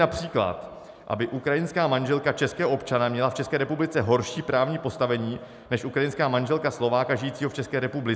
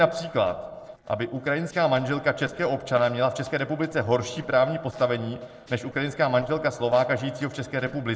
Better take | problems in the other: first | noise reduction (neural separator model SepFormer DNS4)

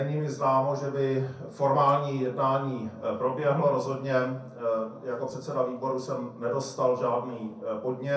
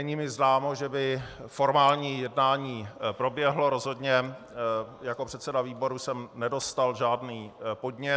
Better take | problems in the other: second | room echo; dies away in 0.6 s

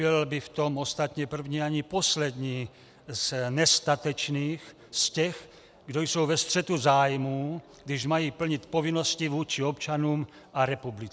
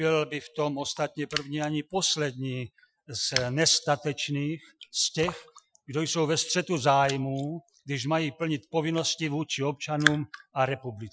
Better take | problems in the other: first | noise reduction (classical method Wiener filter)

